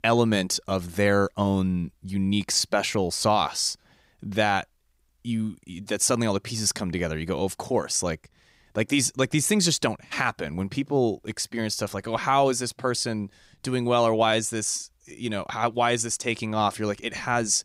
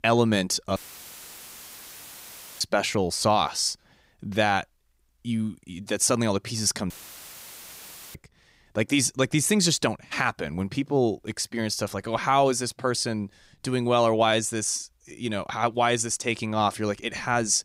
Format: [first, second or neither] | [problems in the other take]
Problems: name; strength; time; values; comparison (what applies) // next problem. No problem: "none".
first | audio cutting out; filled with static; at 1 s for 2 s and at 7 s for 1.5 s